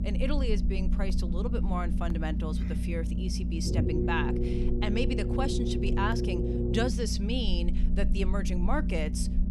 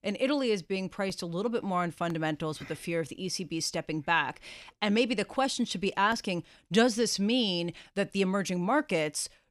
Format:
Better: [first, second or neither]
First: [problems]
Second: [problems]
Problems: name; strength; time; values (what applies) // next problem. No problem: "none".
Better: second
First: low rumble; loud; throughout; 4 dB below the speech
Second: none